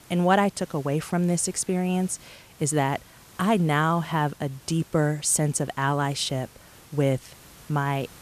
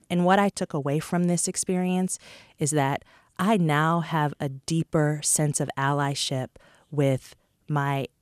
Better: second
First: hiss; faint; throughout; 25 dB below the speech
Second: none

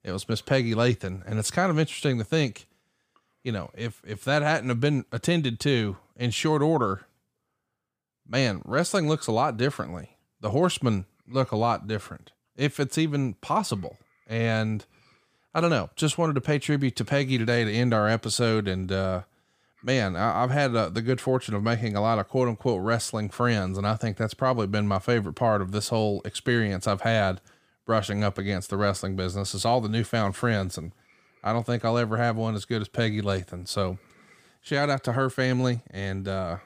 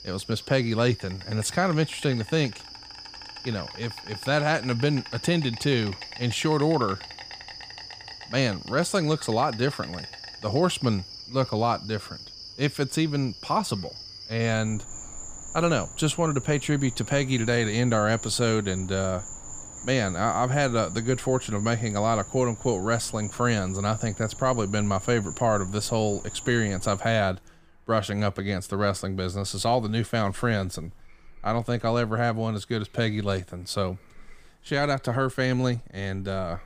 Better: first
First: none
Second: animal sounds; noticeable; throughout; 10 dB below the speech

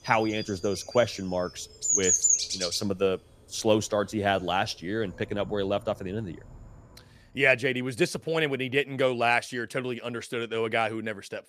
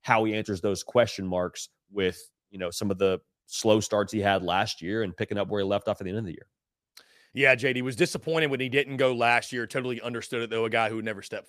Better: second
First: animal sounds; very loud; until 7 s; 3 dB above the speech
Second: none

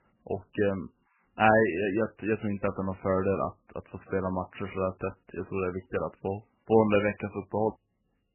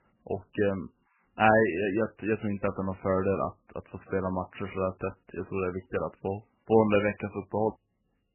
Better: neither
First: garbled, watery; badly; nothing above 3 kHz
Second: garbled, watery; badly; nothing above 3 kHz

